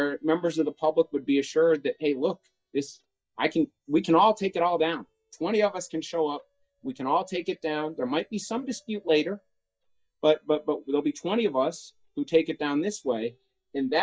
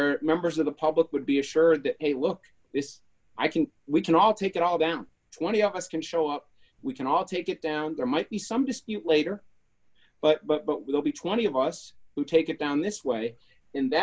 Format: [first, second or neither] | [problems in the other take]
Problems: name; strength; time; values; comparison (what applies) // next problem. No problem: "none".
second | noise reduction (neural mask model DeepFilterNet 3)